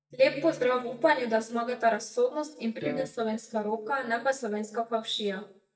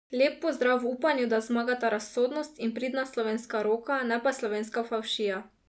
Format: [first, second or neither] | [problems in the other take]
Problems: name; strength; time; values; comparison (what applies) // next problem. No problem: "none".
second | noise reduction (neural mask model DeepFilterNet 3)